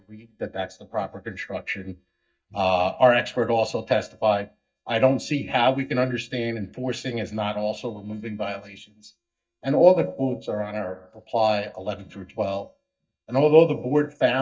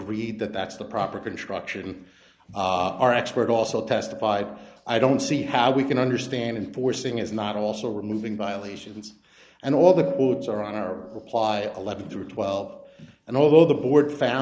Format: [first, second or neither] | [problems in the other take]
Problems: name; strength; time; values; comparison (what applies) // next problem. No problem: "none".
second | noise reduction (neural mask model DeepFilterNet 3)